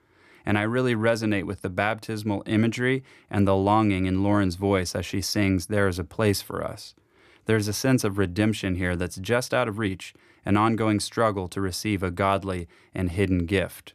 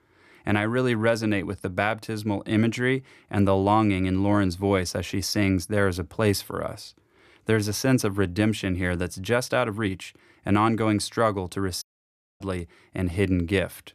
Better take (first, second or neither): first